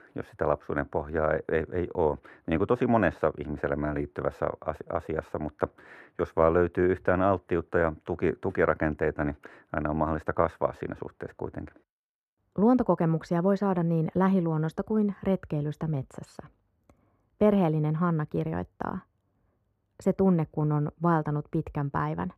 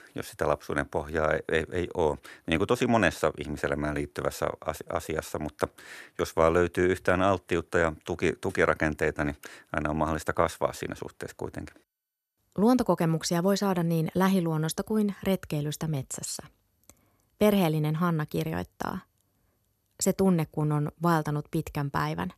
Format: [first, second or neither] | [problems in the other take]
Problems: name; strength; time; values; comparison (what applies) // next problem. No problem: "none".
second | muffled; very; fading above 3 kHz